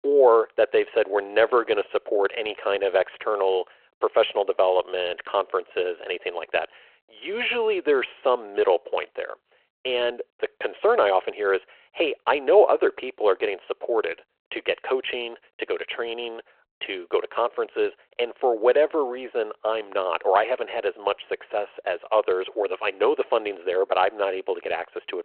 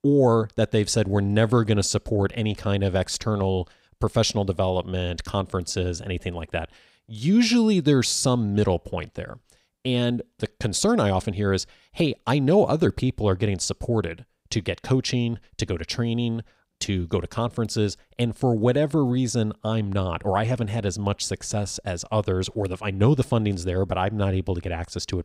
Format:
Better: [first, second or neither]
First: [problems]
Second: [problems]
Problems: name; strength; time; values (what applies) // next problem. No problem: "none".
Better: second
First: phone-call audio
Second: none